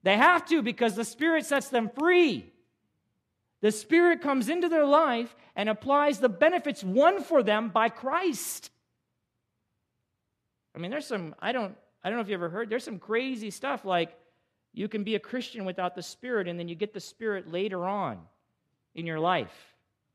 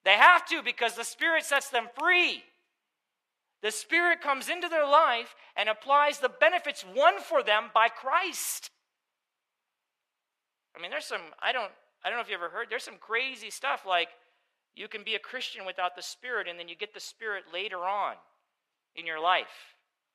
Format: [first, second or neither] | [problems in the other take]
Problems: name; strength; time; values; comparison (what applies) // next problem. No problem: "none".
first | thin; very; fading below 850 Hz